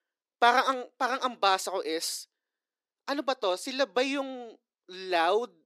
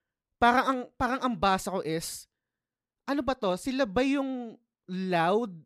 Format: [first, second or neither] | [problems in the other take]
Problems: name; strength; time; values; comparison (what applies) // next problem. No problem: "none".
second | thin; somewhat; fading below 300 Hz